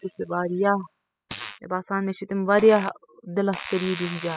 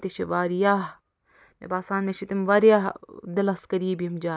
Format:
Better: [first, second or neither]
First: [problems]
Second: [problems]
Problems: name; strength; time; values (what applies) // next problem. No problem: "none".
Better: second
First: noise reduction (classical method spectral subtraction)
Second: none